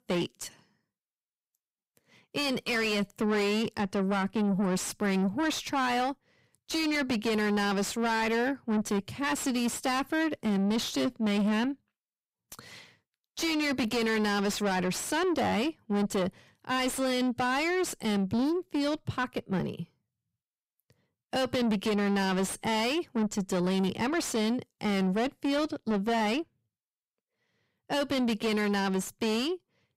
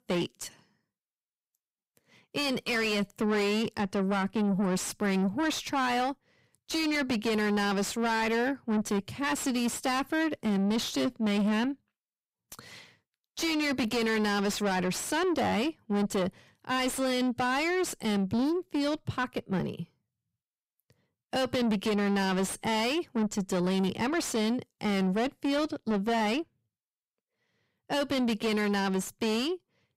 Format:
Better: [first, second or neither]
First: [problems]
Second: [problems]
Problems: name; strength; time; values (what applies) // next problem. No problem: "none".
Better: neither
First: distortion; heavy; 7 dB below the speech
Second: distortion; heavy; 7 dB below the speech